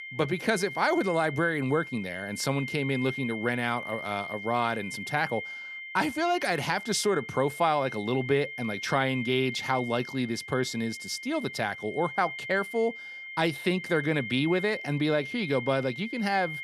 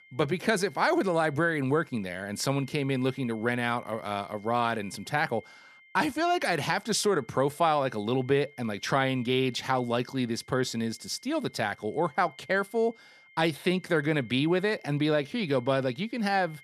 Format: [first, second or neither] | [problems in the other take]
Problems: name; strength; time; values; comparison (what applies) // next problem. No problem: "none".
second | high-pitched whine; loud; throughout; 2 kHz, 9 dB below the speech; faint in the second